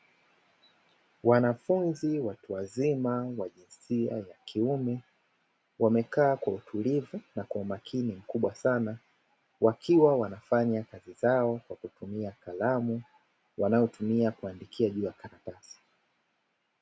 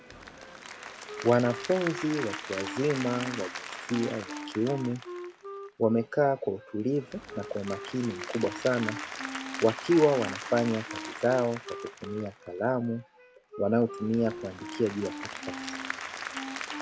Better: first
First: none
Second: background sound (Wind instrument, woodwind instrument + Applause / Crowd); 9 dB below the speech

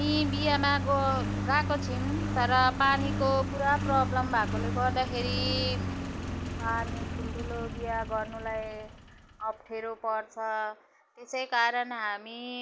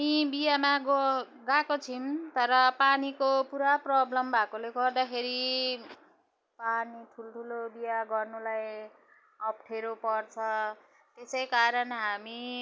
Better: second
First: background sound (Engine); 3 dB below the speech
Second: none

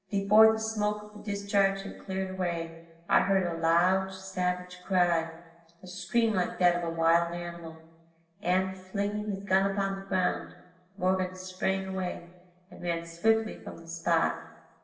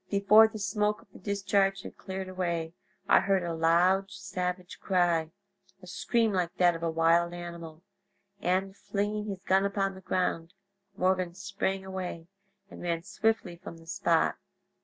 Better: second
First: room echo; dies away in 0.9 s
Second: none

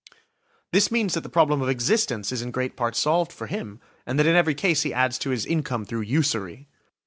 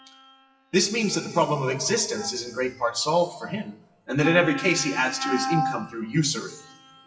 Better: first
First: none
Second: noise reduction (classical method WPE with log-MMSE)

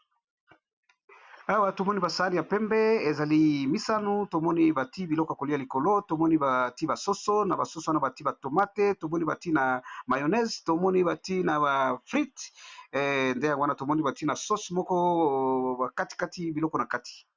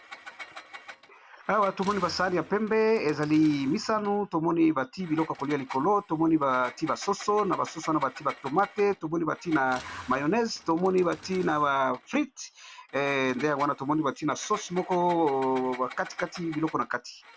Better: first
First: none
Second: background sound (Engine); 19 dB below the speech

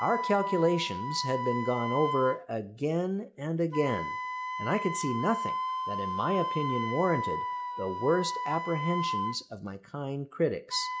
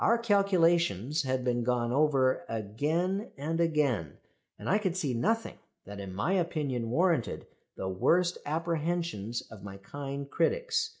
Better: second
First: background sound (Wind instrument, woodwind instrument); 4 dB below the speech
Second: none

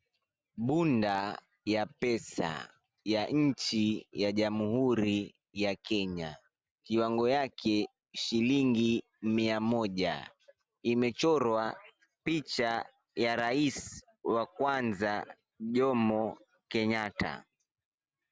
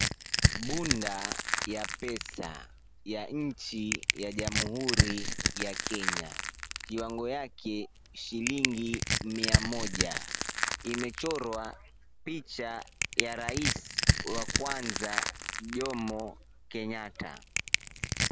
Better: first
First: none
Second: background sound (Crushing); 4 dB above the speech

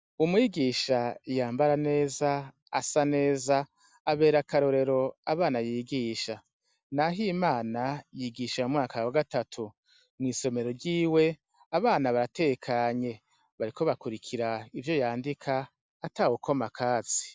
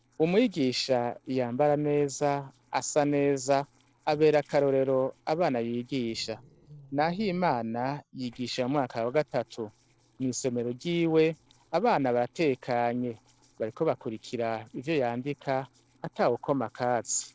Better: first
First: none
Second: noise reduction (neural separator model SepFormer DNS4)

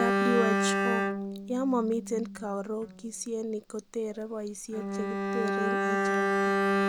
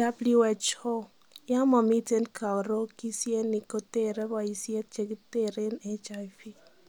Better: second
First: background sound (Bowed string instrument); 3 dB above the speech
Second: none

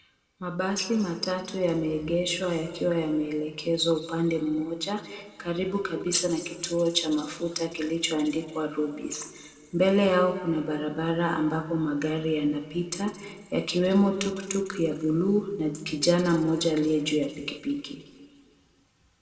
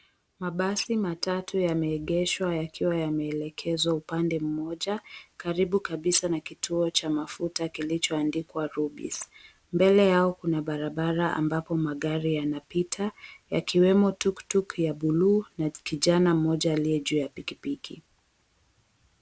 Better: second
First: room echo; dies away in 1.7 s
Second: none

